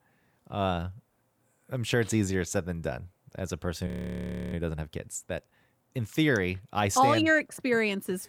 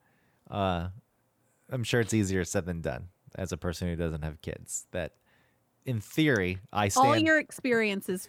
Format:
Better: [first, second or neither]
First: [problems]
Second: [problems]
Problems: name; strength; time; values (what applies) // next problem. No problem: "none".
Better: second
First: audio freezing; at 4 s for 0.5 s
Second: none